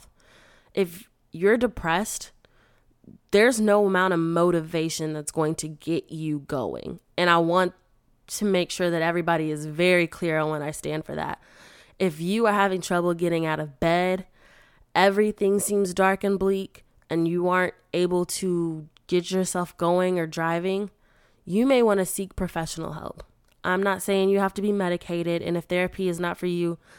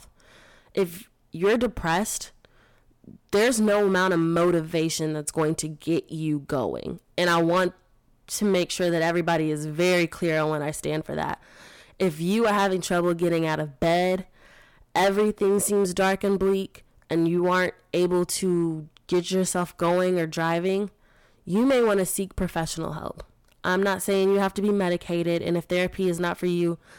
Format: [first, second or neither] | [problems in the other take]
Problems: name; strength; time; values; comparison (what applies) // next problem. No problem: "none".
first | distortion; slight; 7% of the sound clipped